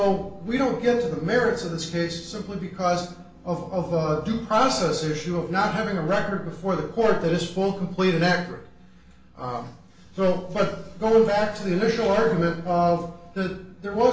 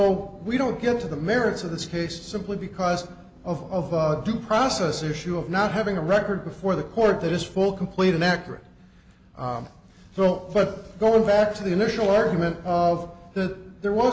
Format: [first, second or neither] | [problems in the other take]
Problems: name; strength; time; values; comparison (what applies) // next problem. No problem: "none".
second | room echo; dies away in 0.4 s